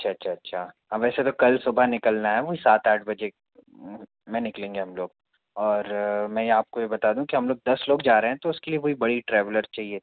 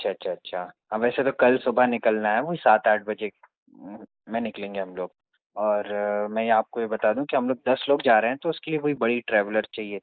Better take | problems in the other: first | noise reduction (neural mask model Resemble Enhance denoiser)

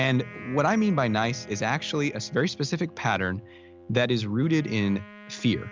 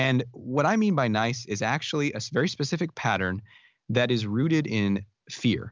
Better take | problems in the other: second | background sound (Bowed string instrument + Wind instrument, woodwind instrument); 19 dB below the speech

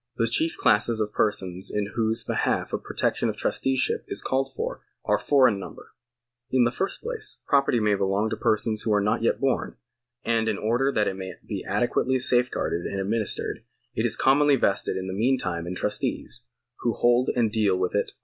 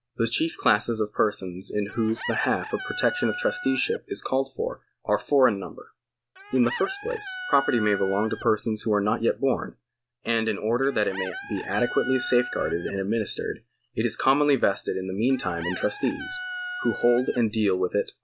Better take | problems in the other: first | background sound (Chicken, rooster); 13 dB below the speech

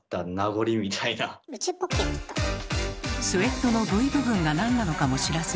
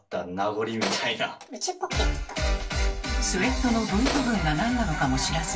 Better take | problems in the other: first | background sound (Tools); 10 dB below the speech // room echo; dies away in 0.2 s

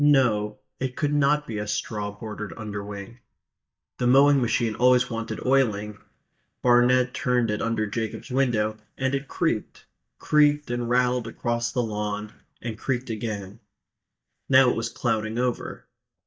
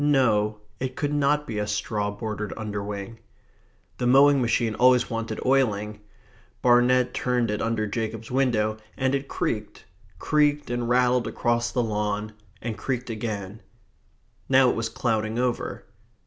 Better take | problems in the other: second | noise reduction (neural mask model DeepFilterNet 3)

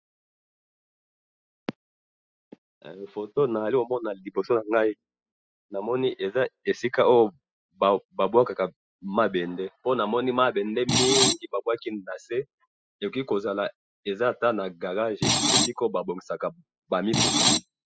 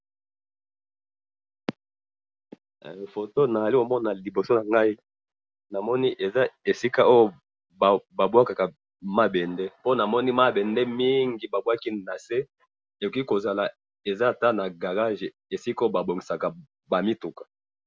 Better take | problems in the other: second | noise reduction (classical method spectral subtraction)

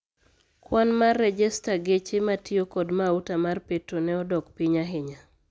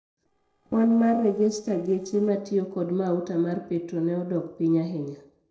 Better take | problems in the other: first | noise reduction (neural separator model SepFormer DNS4)

